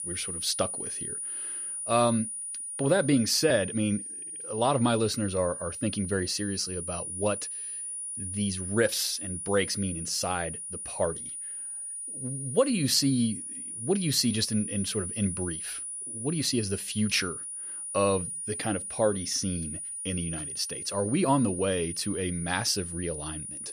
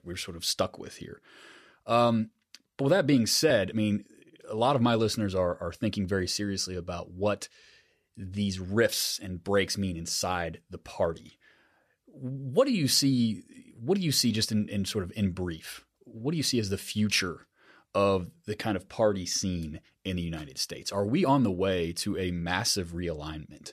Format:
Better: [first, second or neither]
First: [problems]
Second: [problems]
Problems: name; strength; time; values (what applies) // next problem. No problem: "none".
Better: second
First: high-pitched whine; loud; throughout; 9.5 kHz, 6 dB below the speech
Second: none